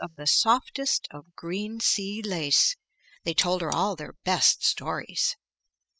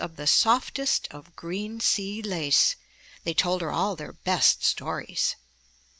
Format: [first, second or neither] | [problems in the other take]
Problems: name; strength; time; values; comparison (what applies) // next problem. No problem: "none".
second | noise reduction (classical method spectral subtraction)